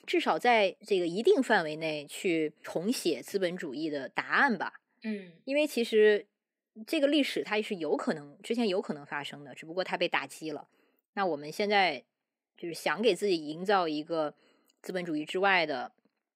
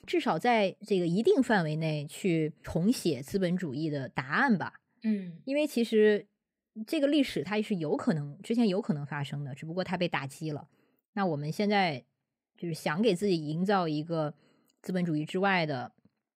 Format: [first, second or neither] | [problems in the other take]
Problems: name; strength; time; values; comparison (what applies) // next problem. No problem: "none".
second | thin; somewhat; fading below 300 Hz